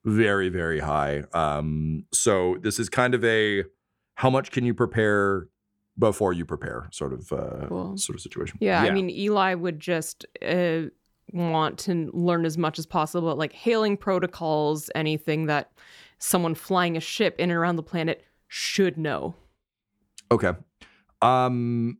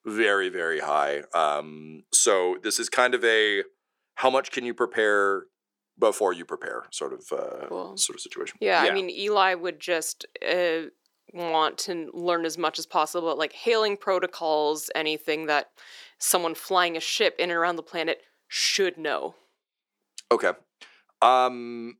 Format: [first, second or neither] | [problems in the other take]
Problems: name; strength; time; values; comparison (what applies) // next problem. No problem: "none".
first | thin; very; fading below 400 Hz